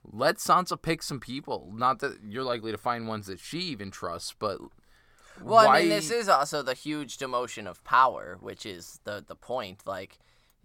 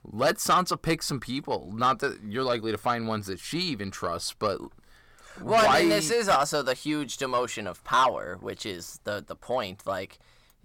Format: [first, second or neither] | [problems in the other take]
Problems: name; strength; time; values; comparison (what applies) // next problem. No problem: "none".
first | distortion; heavy; 7 dB below the speech